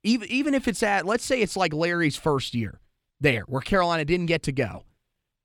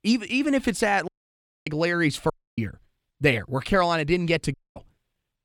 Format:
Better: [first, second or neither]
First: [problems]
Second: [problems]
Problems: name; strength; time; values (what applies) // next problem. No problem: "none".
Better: first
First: none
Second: audio cutting out; at 1 s for 0.5 s, at 2.5 s and at 4.5 s